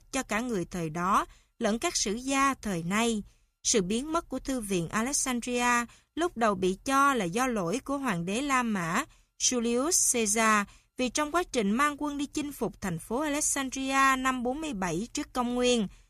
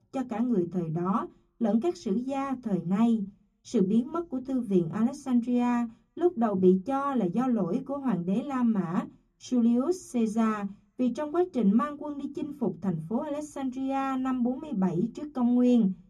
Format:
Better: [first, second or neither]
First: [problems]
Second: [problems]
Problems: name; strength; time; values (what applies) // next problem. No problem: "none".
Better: first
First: none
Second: room echo; very slight; dies away in 0.4 s // off-mic speech; far